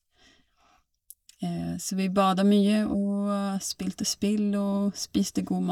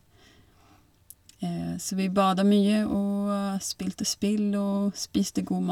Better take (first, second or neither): second